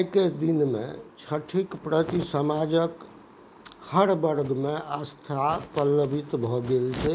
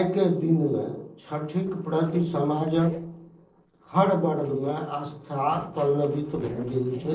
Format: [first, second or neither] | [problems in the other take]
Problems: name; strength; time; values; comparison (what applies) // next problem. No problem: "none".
first | noise reduction (neural separator model SepFormer DNS4)